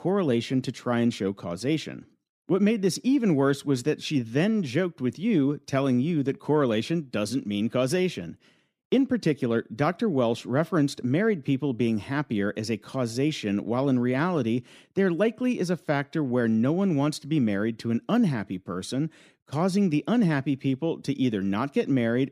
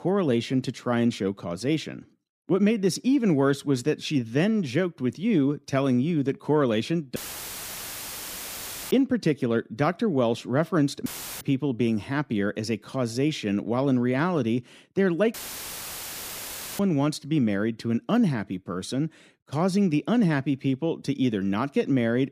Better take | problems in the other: first | audio cutting out; filled with static; at 7 s for 2 s, at 11 s and at 15 s for 1.5 s

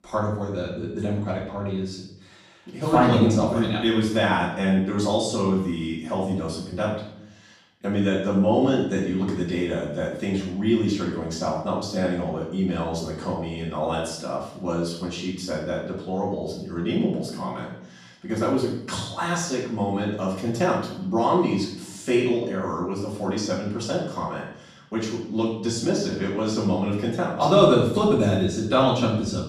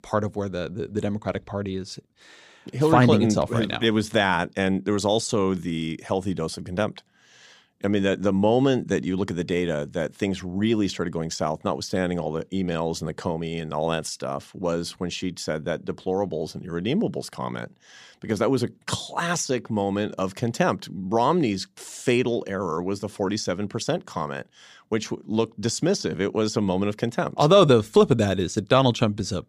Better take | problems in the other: second | off-mic speech; far // room echo; noticeable; dies away in 0.6 s

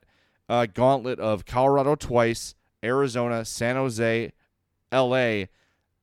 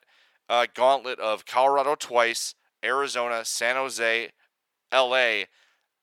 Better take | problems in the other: first | thin; very; fading below 750 Hz

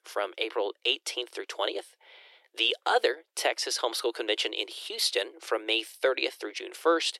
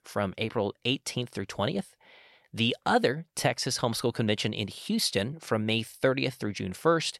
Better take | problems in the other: second | thin; very; fading below 350 Hz

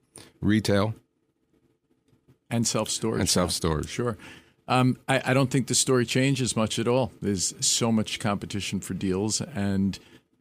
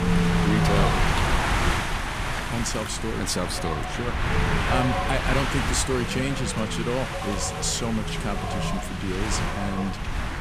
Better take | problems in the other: first | wind noise on the microphone; heavy; 3 dB above the speech

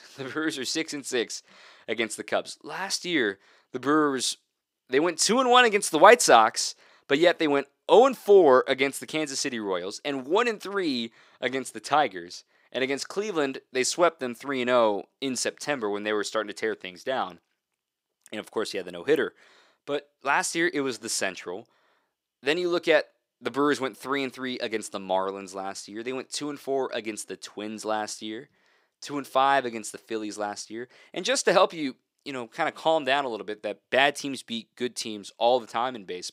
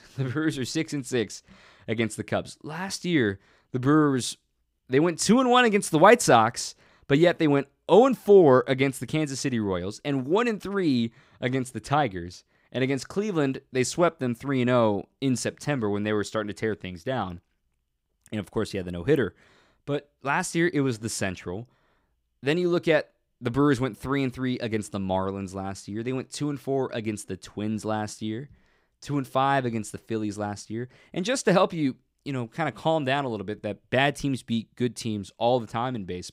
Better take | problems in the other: second | thin; somewhat; fading below 400 Hz

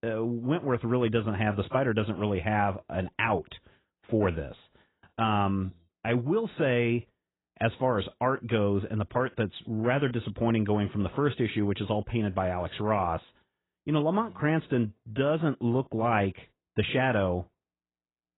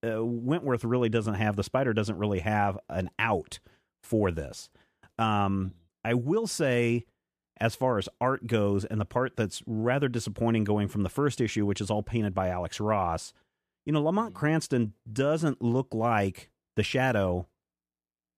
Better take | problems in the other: second | garbled, watery; badly; nothing above 4 kHz

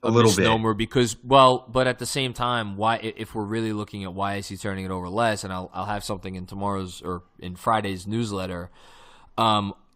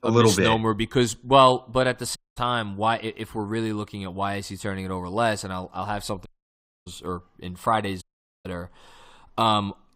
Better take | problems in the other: first | audio cutting out; at 2 s, at 6.5 s for 0.5 s and at 8 s

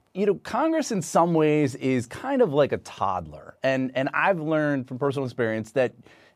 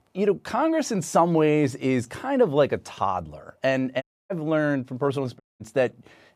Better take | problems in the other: first | audio cutting out; at 4 s and at 5.5 s

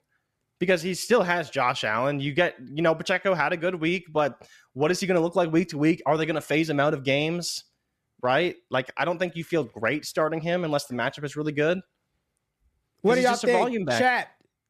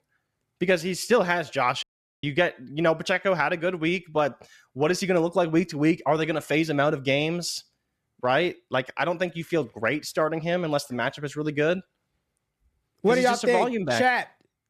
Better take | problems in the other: first | audio cutting out; at 2 s

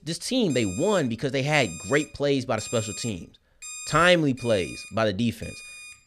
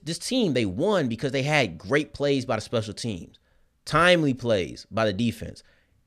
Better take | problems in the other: second | alarms or sirens; noticeable; throughout; 15 dB below the speech

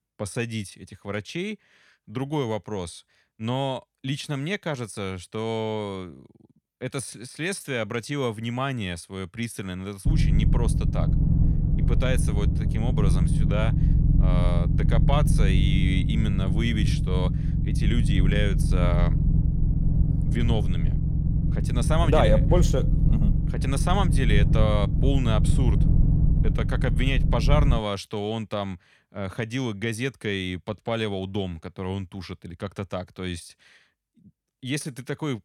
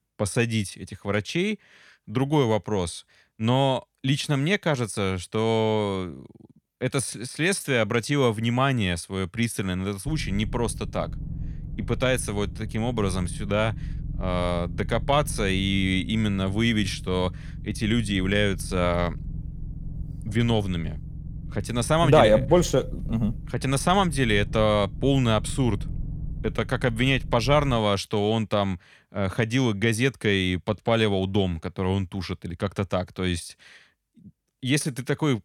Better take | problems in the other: second | low rumble; loud; from 10 to 28 s; 5 dB below the speech; faint in the second

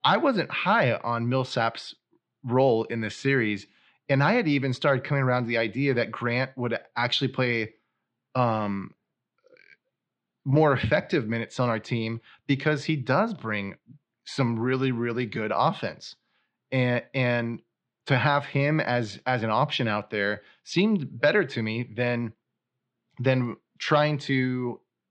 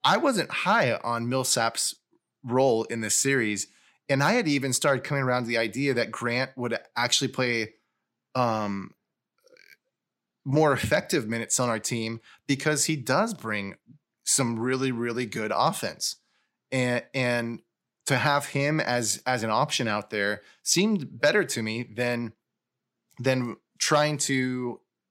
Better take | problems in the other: second | muffled; slightly; fading above 3.5 kHz

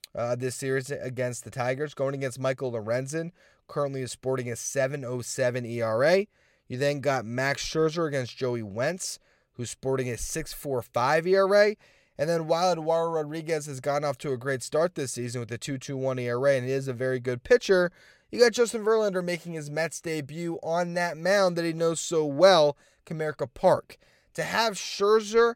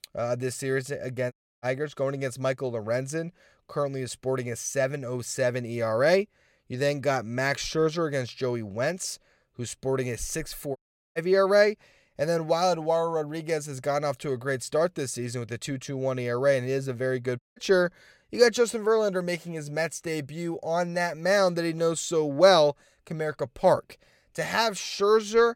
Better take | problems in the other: first | audio cutting out; at 1.5 s, at 11 s and at 17 s

